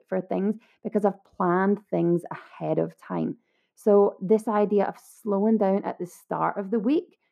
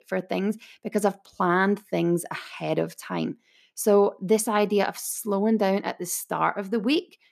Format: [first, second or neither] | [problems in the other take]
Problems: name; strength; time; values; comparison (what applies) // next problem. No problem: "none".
second | muffled; very; fading above 2 kHz